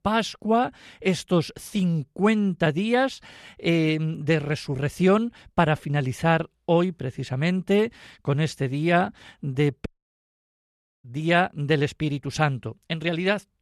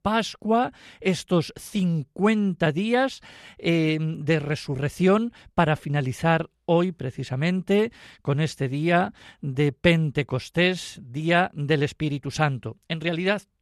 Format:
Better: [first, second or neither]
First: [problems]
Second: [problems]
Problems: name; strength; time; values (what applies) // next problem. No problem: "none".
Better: second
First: audio cutting out; at 10 s for 1 s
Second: none